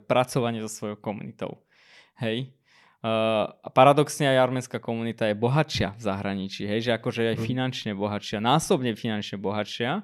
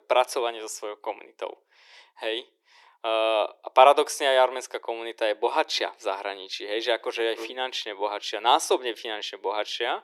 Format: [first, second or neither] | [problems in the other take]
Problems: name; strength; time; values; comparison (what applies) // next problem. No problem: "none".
first | thin; very; fading below 350 Hz